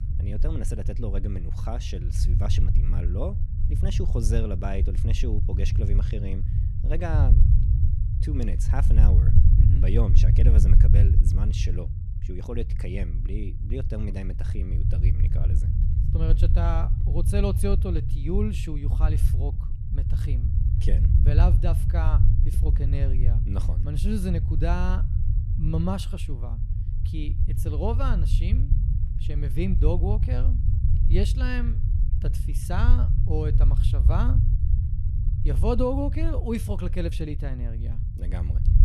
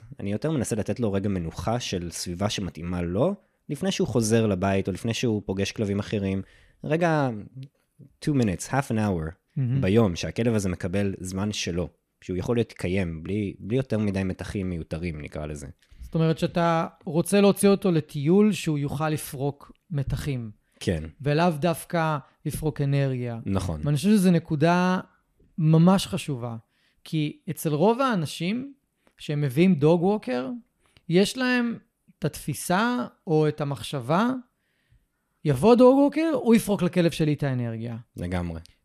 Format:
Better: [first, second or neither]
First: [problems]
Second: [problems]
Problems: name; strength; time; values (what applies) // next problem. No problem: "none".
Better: second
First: low rumble; loud; throughout; 5 dB below the speech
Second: none